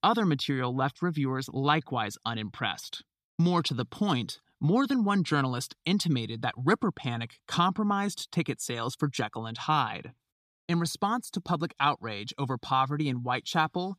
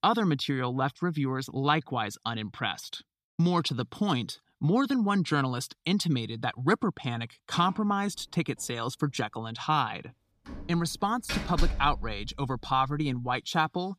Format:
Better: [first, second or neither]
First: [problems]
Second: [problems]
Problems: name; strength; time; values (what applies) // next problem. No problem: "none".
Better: first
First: none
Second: door banging; noticeable; from 11 to 12 s; peak 2 dB below the speech